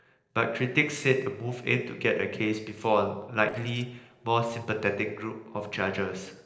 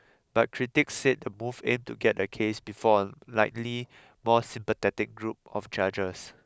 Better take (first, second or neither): second